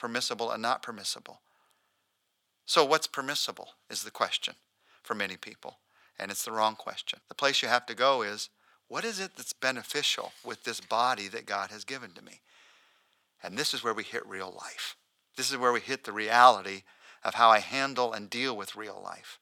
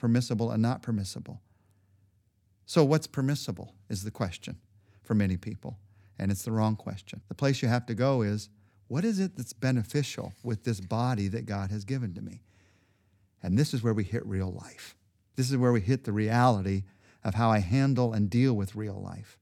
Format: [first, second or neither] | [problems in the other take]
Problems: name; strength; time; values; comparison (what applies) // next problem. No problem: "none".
second | thin; very; fading below 750 Hz